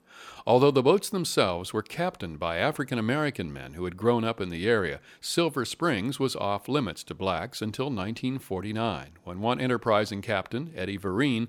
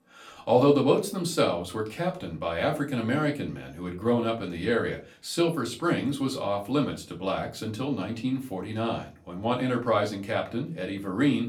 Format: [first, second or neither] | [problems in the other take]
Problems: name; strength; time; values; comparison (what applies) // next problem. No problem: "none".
first | off-mic speech; far // room echo; very slight; dies away in 0.3 s